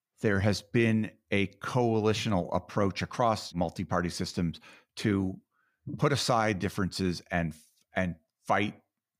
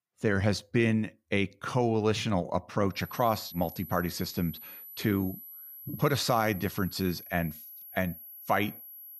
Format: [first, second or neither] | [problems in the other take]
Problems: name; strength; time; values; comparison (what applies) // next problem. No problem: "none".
first | high-pitched whine; noticeable; from 3 s on; 12 kHz, 15 dB below the speech